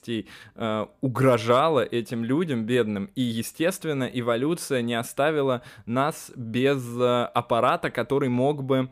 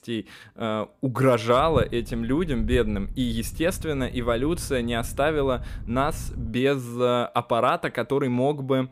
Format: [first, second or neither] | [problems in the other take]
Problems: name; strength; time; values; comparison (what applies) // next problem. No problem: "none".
first | low rumble; faint; from 1.5 to 6.5 s; 25 dB below the speech